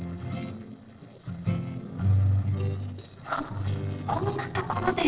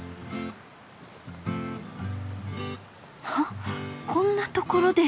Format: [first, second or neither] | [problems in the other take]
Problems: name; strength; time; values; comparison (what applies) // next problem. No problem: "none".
second | noise reduction (neural separator model SepFormer DNS4)